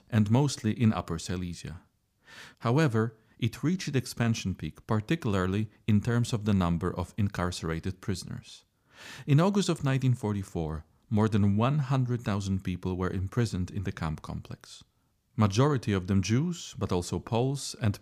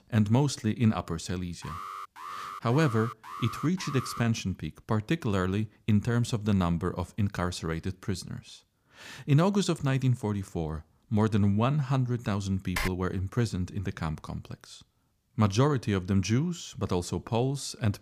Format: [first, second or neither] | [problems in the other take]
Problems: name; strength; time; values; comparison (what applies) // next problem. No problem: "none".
first | alarm; noticeable; from 1.5 to 4 s; peak 10 dB below the speech // keyboard typing; noticeable; at 13 s; peak 4 dB below the speech